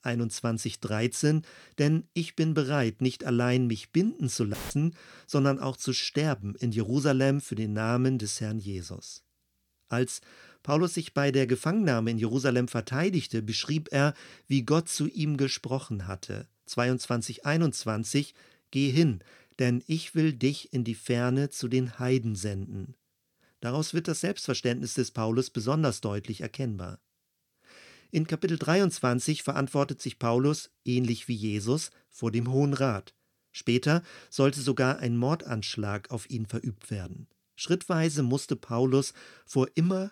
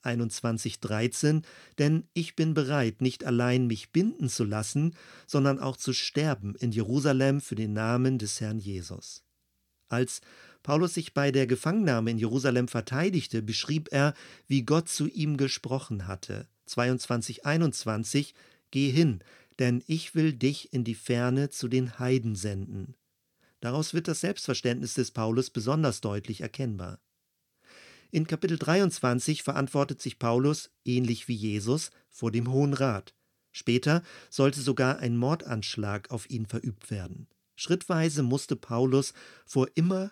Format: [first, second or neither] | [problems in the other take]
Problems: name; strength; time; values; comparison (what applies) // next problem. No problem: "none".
second | audio cutting out; filled with static; at 4.5 s